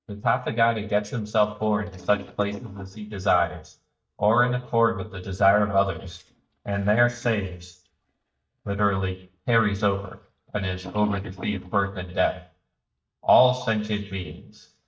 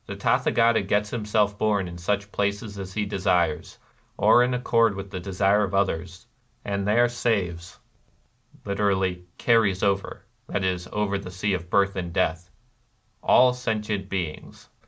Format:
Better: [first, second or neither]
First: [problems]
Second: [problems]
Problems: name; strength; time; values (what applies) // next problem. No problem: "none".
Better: second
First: noise reduction (neural mask model DeepFilterNet 3)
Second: none